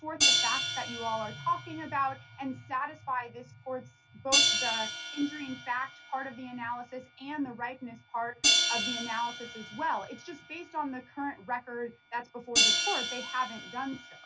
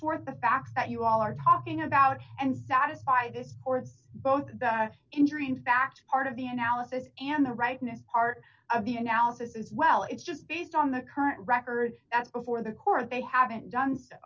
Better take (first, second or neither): second